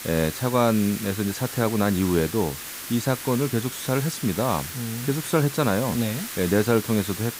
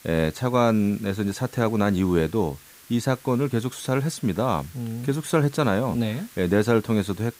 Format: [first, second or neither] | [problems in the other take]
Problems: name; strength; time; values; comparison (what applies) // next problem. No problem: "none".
second | hiss; loud; throughout; 8 dB below the speech; faint in the second